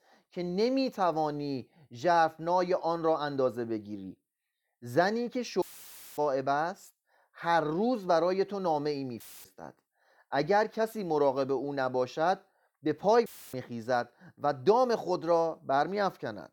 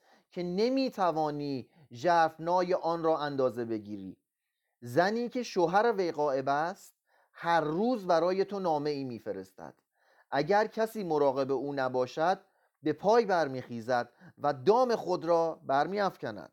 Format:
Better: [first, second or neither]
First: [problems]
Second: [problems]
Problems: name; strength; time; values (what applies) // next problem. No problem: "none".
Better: second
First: audio cutting out; filled with static; at 5.5 s for 0.5 s, at 9 s and at 13 s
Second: none